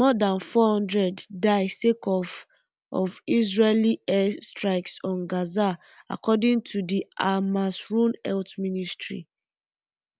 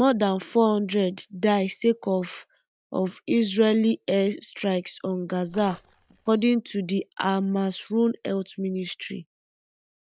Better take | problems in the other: first | noise reduction (neural mask model DeepFilterNet 3)

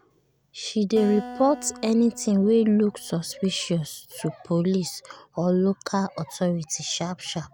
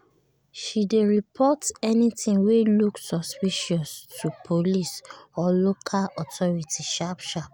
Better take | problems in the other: second | background sound (Acoustic guitar); 17 dB below the speech

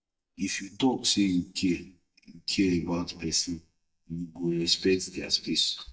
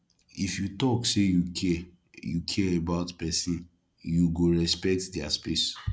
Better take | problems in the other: second | noise reduction (neural mask model DeepFilterNet 3)

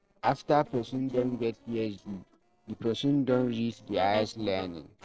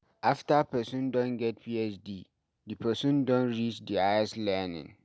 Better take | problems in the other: second | noise reduction (neural separator model SepFormer DNS4)

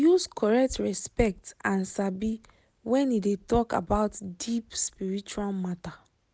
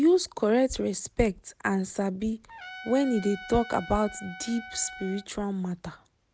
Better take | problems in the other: first | background sound (Trumpet); 15 dB below the speech

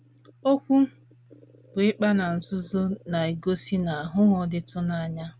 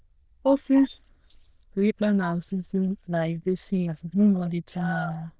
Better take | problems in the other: first | noise reduction (neural diffusion model UNIVERSE++)

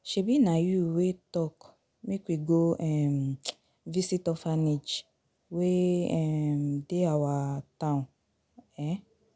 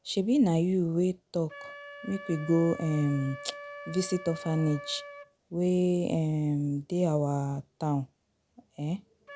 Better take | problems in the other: first | background sound (Wind instrument, woodwind instrument); 18 dB below the speech

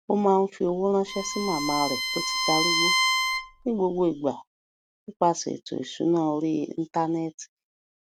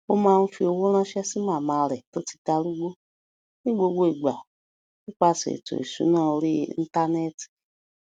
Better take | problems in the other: second | background sound (Bowed string instrument); 1 dB below the speech

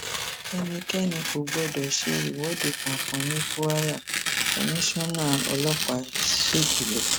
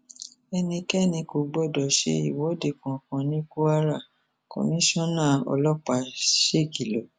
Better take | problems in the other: second | background sound (Tearing); as loud as the speech

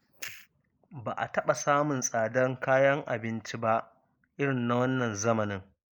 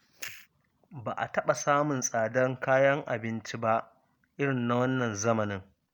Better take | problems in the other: second | noise reduction (neural mask model Resemble Enhance denoiser)

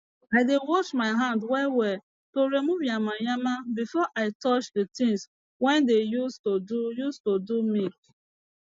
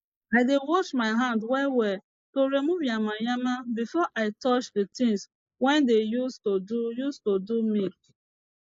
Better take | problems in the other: first | noise reduction (neural mask model Resemble Enhance denoiser)

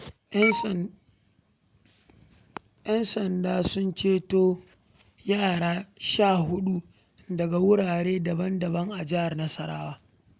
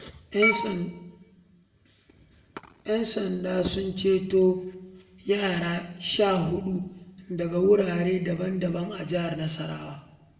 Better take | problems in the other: first | room echo; dies away in 0.8 s

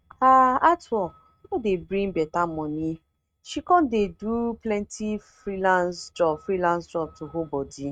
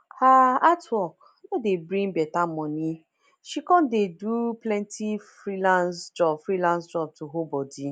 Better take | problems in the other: second | noise reduction (neural mask model RNNoise)

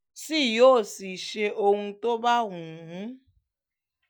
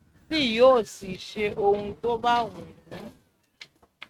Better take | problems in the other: first | noise reduction (neural mask model RNNoise)

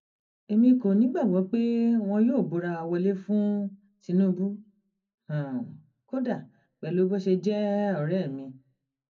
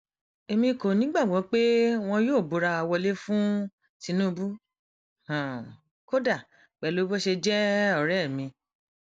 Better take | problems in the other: second | room echo; dies away in 0.3 s

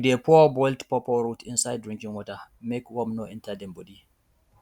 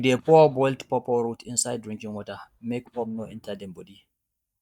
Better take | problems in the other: first | noise reduction (neural mask model DeepFilterNet 3)

